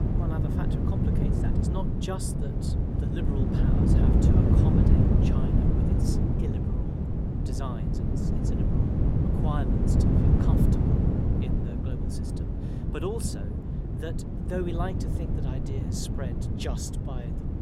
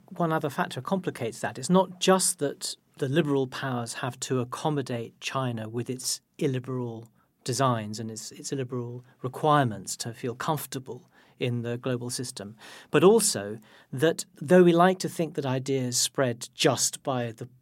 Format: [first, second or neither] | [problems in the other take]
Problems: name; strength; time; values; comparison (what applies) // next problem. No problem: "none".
second | wind noise on the microphone; heavy; 5 dB above the speech